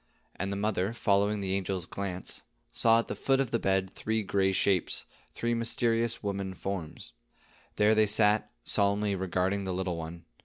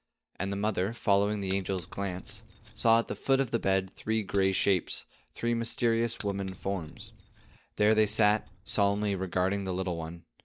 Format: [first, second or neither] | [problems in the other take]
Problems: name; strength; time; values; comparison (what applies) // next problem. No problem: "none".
first | noise reduction (neural mask model DeepFilterNet 3)